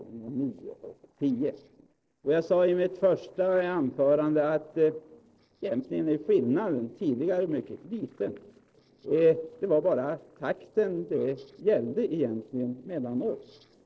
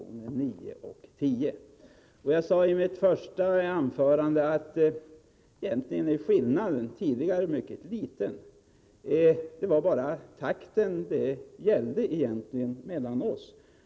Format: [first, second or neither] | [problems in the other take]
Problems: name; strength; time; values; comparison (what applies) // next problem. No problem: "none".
second | noise reduction (neural separator model SepFormer DNS4)